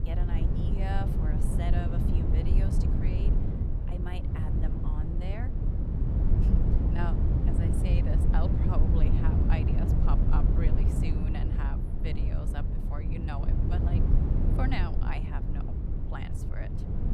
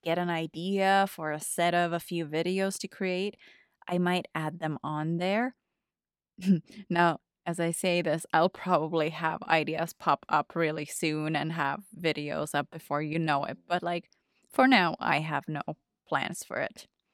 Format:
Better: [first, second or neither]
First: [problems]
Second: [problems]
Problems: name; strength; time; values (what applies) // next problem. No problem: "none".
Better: second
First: wind noise on the microphone; heavy; 1 dB above the speech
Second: none